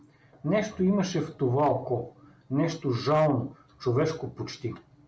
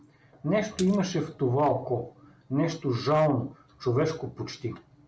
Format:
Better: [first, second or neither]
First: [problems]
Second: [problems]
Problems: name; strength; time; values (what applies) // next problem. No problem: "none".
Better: first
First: none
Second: background sound (Splash, splatter); 19 dB below the speech